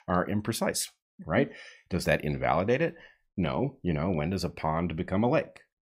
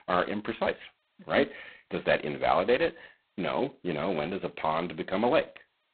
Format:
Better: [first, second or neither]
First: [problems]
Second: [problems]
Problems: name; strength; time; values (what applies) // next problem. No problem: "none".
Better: first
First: none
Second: phone-call audio; poor line; nothing above 4 kHz